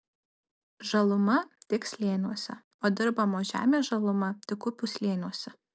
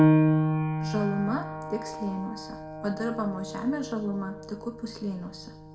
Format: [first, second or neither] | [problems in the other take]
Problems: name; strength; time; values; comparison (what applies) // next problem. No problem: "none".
first | background sound (Piano); 4 dB above the speech // room echo; dies away in 0.6 s